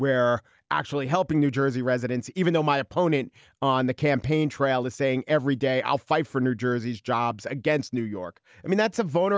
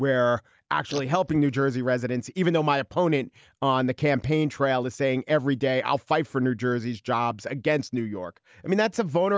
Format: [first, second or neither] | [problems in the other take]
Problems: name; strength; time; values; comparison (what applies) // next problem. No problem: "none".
first | noise reduction (neural mask model Resemble Enhance denoiser)